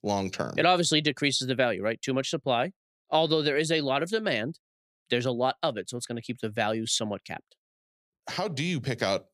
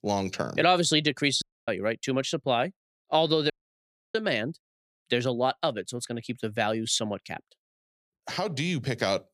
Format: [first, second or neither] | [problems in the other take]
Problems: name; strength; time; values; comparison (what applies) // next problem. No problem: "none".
first | audio cutting out; at 1.5 s and at 3.5 s for 0.5 s